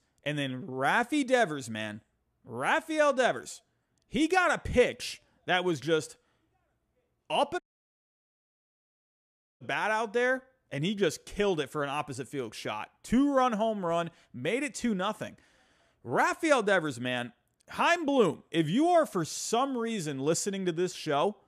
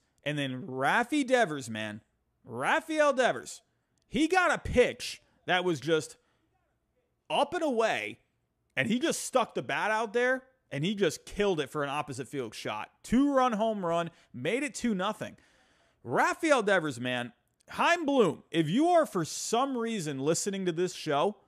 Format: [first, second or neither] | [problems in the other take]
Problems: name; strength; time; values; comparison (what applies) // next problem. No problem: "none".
second | audio cutting out; at 7.5 s for 2 s